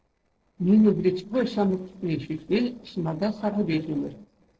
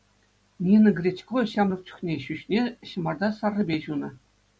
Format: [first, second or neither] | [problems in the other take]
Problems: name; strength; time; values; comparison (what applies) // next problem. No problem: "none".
second | noise reduction (neural separator model SepFormer DNS4)